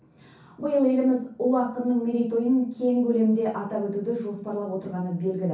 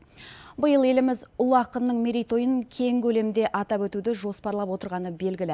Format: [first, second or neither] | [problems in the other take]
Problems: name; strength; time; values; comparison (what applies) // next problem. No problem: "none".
second | room echo; dies away in 0.6 s